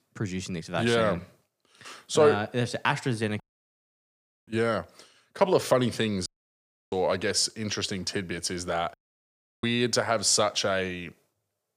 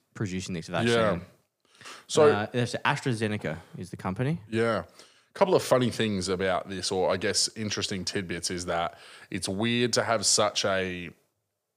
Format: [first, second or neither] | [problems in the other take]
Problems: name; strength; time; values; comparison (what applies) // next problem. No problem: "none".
second | audio cutting out; at 3.5 s for 1 s, at 6.5 s for 0.5 s and at 9 s for 0.5 s